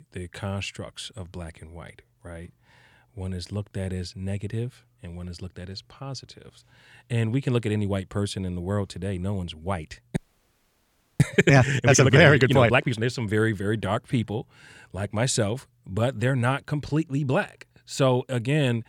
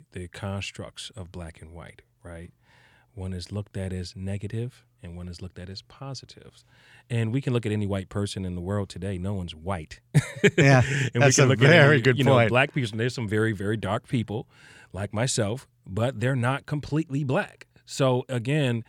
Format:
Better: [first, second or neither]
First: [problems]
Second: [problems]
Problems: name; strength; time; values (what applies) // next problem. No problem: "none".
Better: second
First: audio freezing; at 10 s for 1 s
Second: none